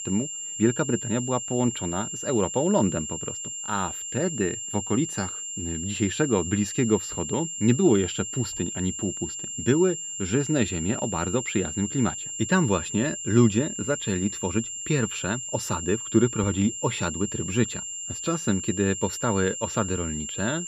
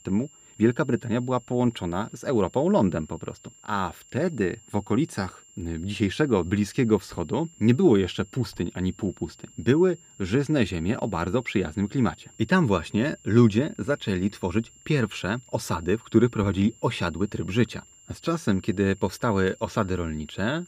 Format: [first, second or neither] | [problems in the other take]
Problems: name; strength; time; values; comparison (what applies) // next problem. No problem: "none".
second | high-pitched whine; loud; throughout; 7.5 kHz, 5 dB below the speech; faint in the second